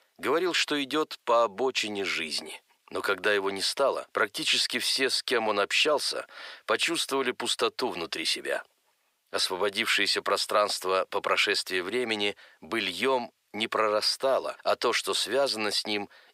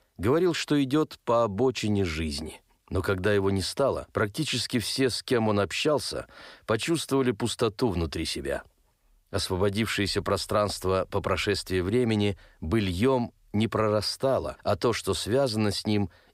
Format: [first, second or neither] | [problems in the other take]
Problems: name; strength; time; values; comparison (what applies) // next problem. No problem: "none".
second | thin; somewhat; fading below 450 Hz